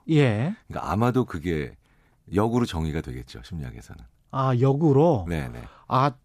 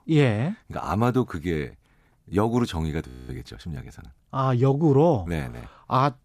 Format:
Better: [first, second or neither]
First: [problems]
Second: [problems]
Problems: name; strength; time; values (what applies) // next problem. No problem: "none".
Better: first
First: none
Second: audio freezing; at 3 s